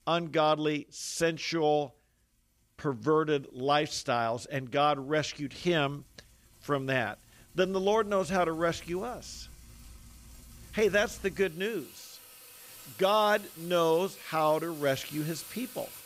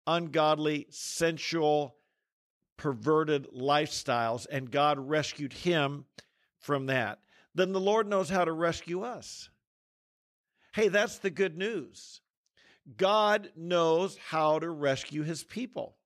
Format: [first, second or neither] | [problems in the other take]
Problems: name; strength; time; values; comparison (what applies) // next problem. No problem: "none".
second | household noises; noticeable; throughout; 20 dB below the speech